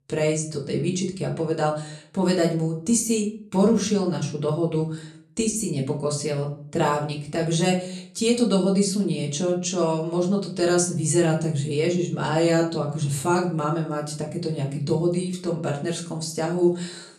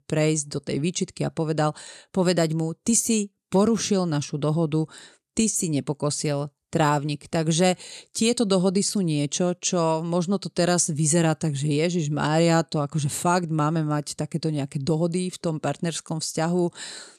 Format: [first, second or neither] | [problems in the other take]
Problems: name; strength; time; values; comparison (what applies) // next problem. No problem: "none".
second | room echo; slight; dies away in 0.4 s // off-mic speech; far